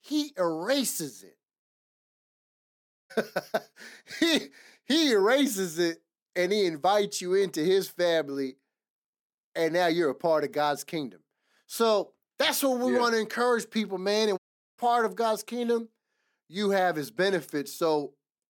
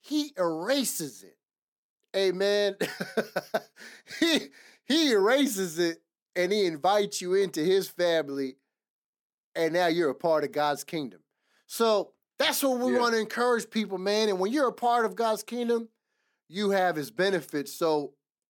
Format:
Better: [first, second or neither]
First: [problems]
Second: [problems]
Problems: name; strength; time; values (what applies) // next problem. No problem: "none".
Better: second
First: audio cutting out; at 1.5 s for 1.5 s and at 14 s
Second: none